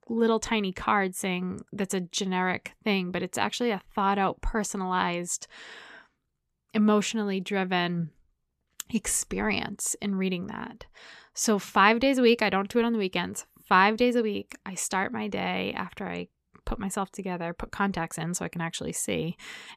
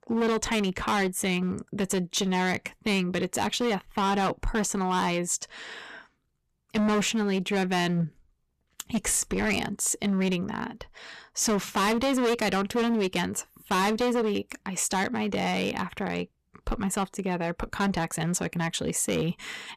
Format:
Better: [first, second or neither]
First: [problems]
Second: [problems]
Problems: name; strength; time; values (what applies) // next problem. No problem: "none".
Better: first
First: none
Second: distortion; heavy; 13% of the sound clipped